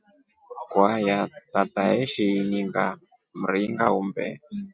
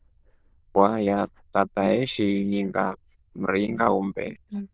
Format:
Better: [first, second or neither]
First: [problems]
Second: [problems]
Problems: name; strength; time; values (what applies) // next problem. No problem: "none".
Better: first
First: none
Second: noise reduction (neural diffusion model UNIVERSE++)